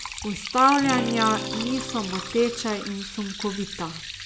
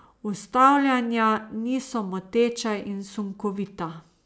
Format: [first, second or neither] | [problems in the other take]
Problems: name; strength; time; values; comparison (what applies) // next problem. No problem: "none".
second | background sound (Acoustic guitar / Strum + Liquid); 8 dB below the speech